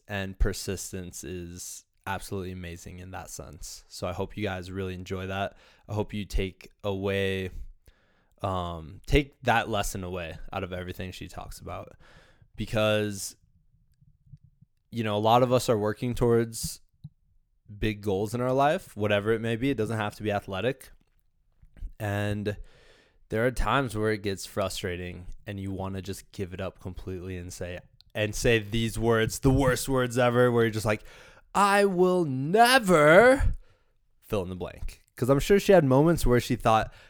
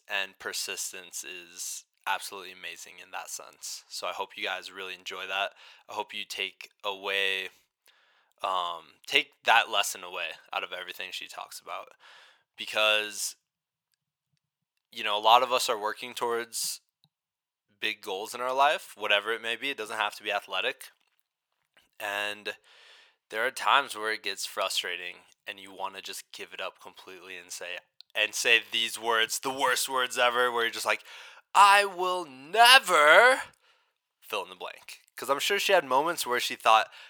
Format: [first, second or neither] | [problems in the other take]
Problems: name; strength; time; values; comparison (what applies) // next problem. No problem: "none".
first | thin; very; fading below 800 Hz